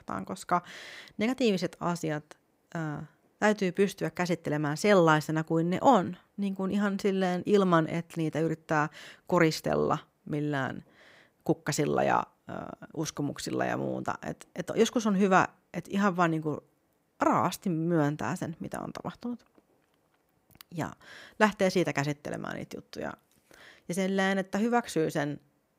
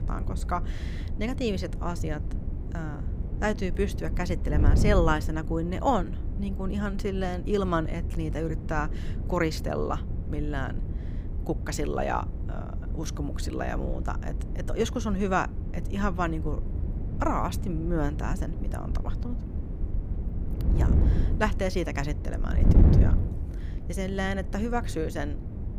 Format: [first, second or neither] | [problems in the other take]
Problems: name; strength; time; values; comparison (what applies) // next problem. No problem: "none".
first | wind noise on the microphone; occasional gusts; 10 dB below the speech